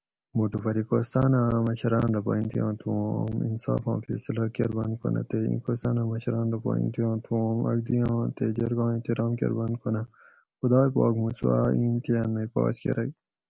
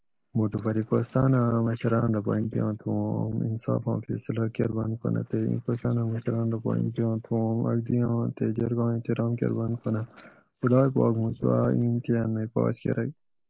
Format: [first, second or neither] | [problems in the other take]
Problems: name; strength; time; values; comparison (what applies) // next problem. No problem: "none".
first | noise reduction (neural mask model Resemble Enhance denoiser)